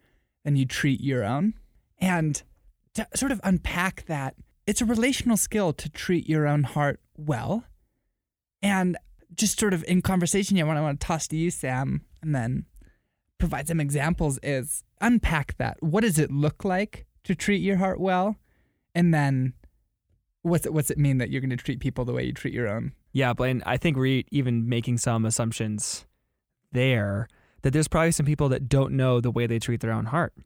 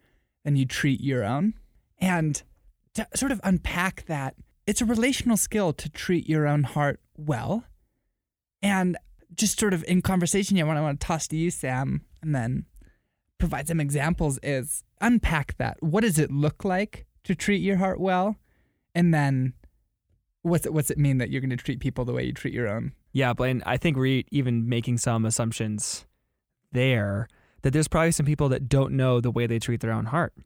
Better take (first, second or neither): neither